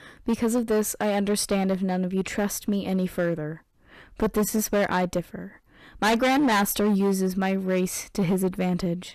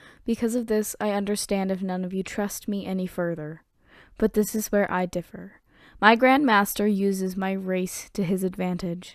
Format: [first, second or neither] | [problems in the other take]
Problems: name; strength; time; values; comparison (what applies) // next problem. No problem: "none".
second | distortion; heavy; 9% of the sound clipped